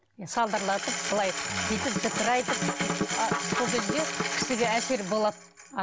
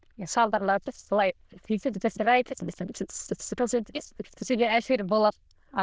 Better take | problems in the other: first | noise reduction (neural diffusion model UNIVERSE++)

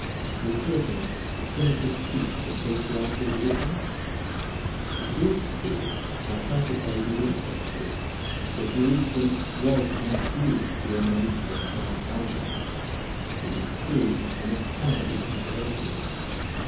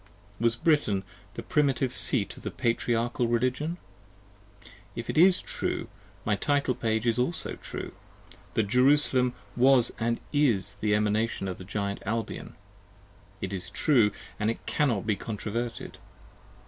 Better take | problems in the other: second | background sound (Chirp, tweet); 1 dB below the speech // room echo; dies away in 0.7 s

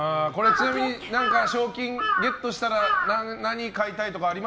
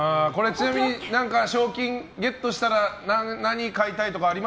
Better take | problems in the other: second | background sound (Bird vocalization, bird call, bird song / Crow); 1 dB below the speech

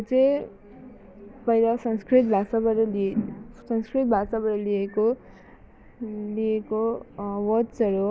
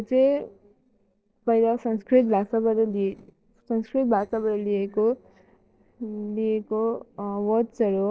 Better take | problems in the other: first | noise reduction (neural separator model SepFormer DNS4)

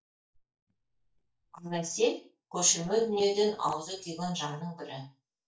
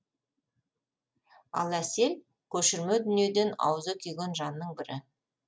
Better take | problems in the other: second | noise reduction (neural mask model DeepFilterNet 3)

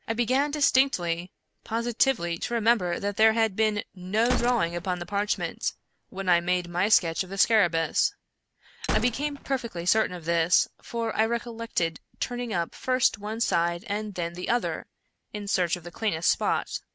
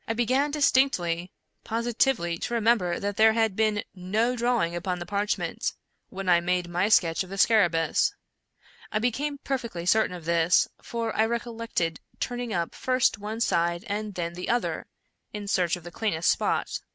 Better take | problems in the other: second | background sound (Gunshot, gunfire); 10 dB below the speech

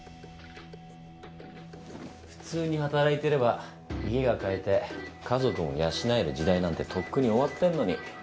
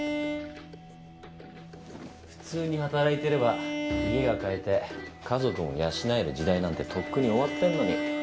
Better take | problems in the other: first | background sound (Bowed string instrument); 6 dB below the speech

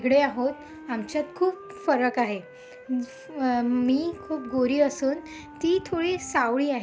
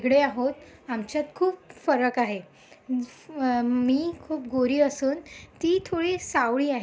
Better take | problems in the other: second | background sound (Wind instrument, woodwind instrument); 18 dB below the speech

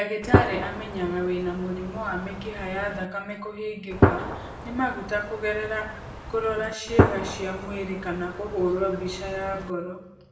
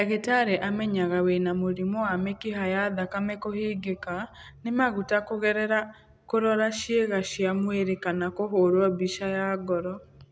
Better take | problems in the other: second | background sound (Gunshot, gunfire); 1 dB above the speech // room echo; dies away in 0.8 s

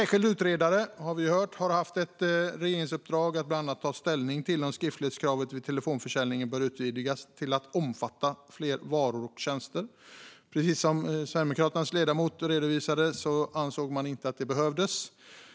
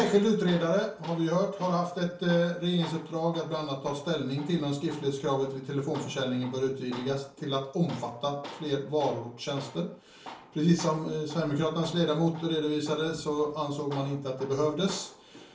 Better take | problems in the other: first | background sound (Tools); 18 dB below the speech // room echo; dies away in 0.4 s

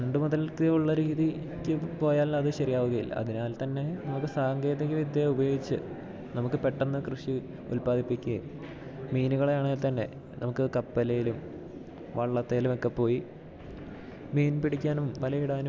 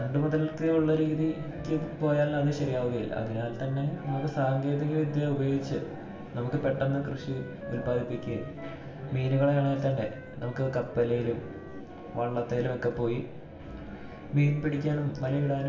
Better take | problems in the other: first | background sound (Wind instrument, woodwind instrument); 18 dB below the speech // room echo; dies away in 0.7 s

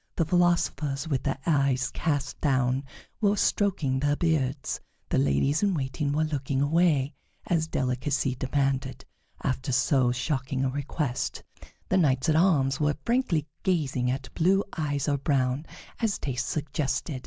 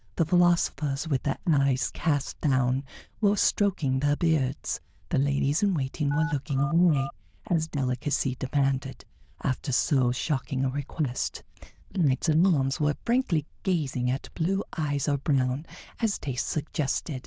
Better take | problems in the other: first | noise reduction (neural diffusion model UNIVERSE++)

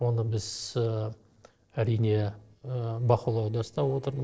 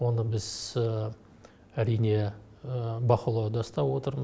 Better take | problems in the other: second | noise reduction (neural separator model SepFormer DNS4)

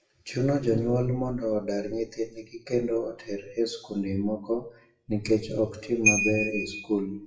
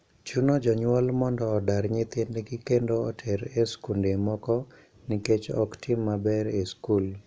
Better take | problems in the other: second | noise reduction (classical method WPE with log-MMSE)

